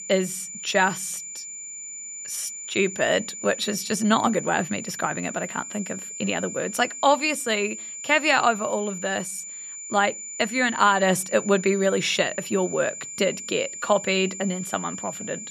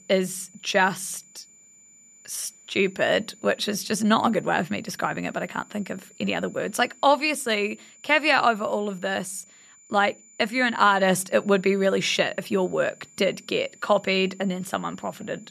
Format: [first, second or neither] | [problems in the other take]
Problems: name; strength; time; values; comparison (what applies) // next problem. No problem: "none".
second | high-pitched whine; loud; throughout; 7 kHz, 9 dB below the speech; faint in the second